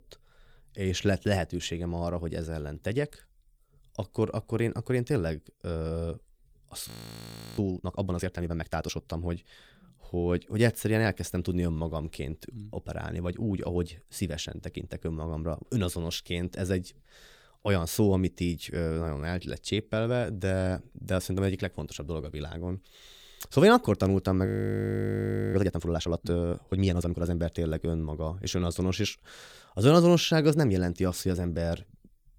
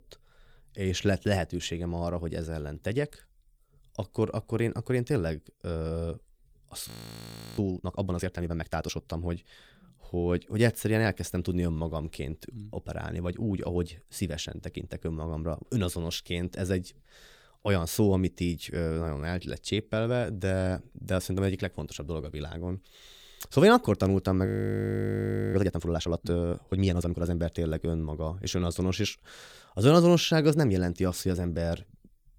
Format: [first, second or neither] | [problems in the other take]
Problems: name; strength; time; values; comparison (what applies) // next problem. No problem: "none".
neither | audio freezing; at 7 s for 0.5 s and at 24 s for 1 s; the same in both